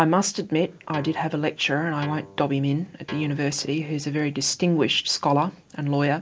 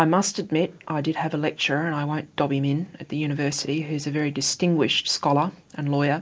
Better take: second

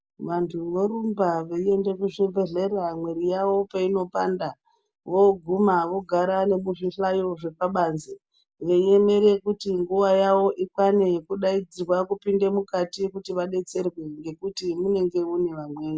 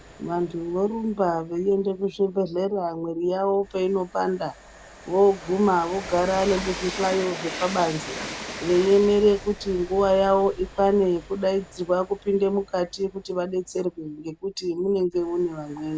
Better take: first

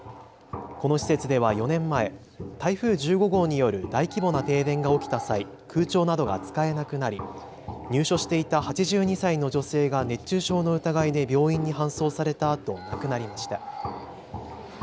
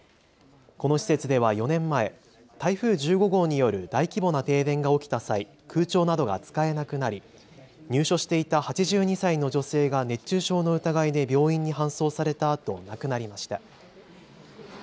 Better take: second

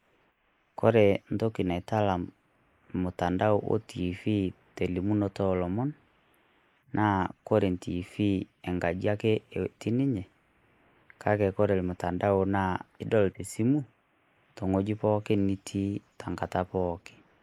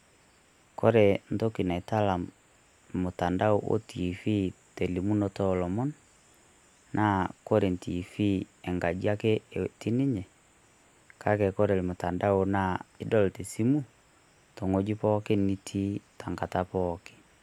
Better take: second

